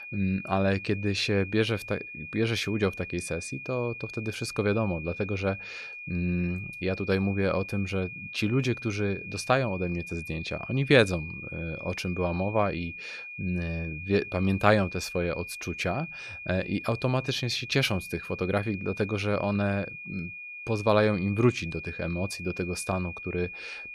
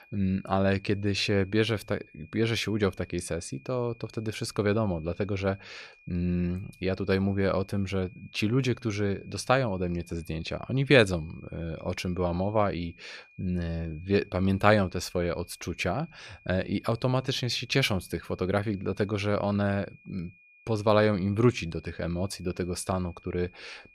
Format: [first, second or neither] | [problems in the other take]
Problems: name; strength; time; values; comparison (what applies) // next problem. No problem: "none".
second | high-pitched whine; loud; throughout; 2.5 kHz, 10 dB below the speech; faint in the second